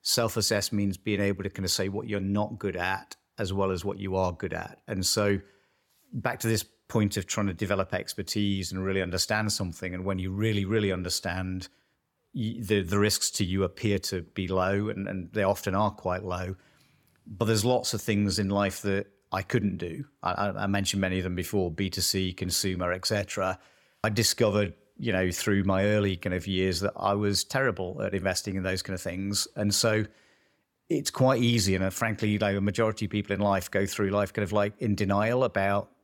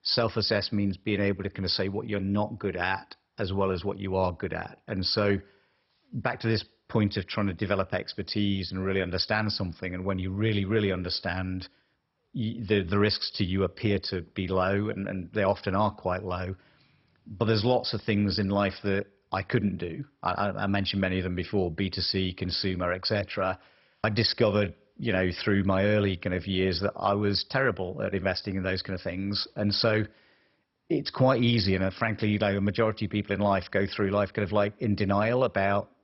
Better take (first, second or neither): first